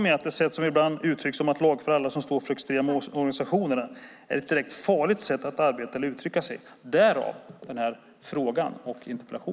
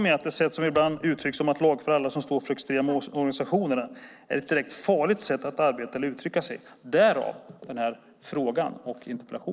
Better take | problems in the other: first | noise reduction (neural separator model SepFormer DNS4)

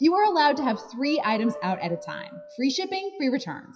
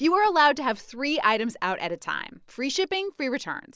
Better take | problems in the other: second | noise reduction (classical method WPE with log-MMSE)

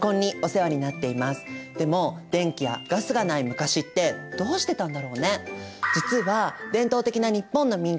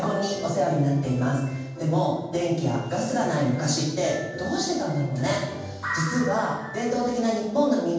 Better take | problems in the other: first | room echo; dies away in 1.2 s

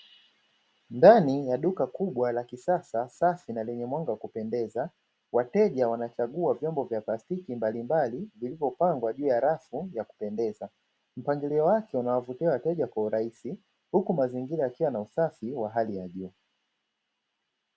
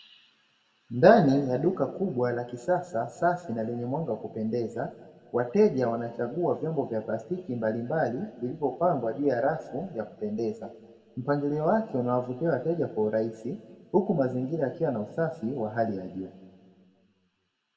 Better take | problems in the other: first | room echo; dies away in 1.1 s

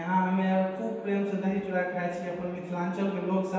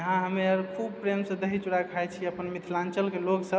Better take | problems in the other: second | room echo; dies away in 1.2 s

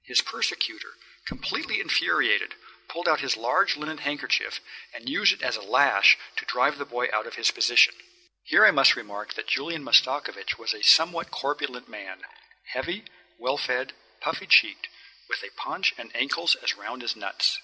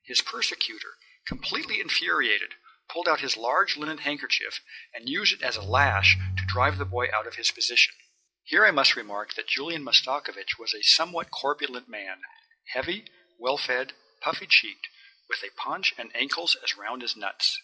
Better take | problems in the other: first | noise reduction (classical method log-MMSE)

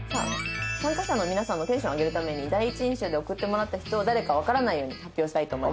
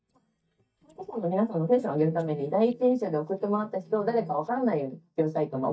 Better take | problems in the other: first | noise reduction (neural mask model DeepFilterNet 3)

